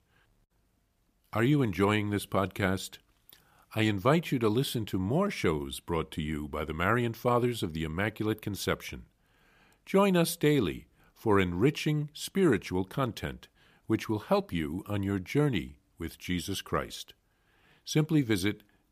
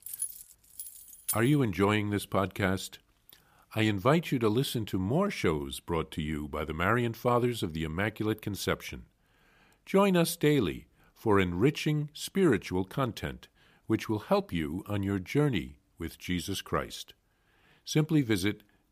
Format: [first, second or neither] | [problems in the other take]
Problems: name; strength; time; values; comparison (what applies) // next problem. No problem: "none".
first | jangling keys; noticeable; until 1.5 s; peak 5 dB below the speech